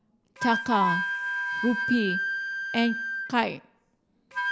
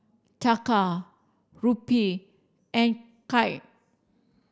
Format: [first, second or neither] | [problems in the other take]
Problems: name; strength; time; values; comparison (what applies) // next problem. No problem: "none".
second | background sound (Wind instrument, woodwind instrument); 1 dB below the speech